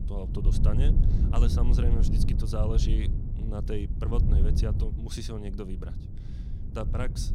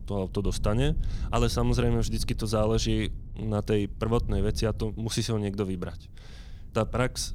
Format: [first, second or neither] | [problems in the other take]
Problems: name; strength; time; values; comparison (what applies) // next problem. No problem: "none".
second | low rumble; loud; throughout; 4 dB below the speech; faint in the second